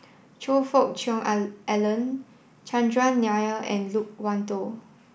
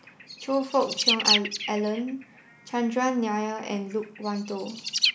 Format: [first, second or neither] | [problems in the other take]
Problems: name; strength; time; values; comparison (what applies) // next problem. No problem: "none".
first | background sound (Bird); 2 dB below the speech